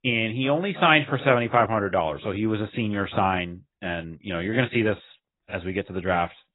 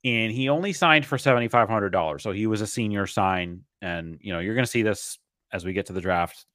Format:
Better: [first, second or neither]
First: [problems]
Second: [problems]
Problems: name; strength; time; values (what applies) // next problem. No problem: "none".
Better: second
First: garbled, watery; badly; nothing above 3.5 kHz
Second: none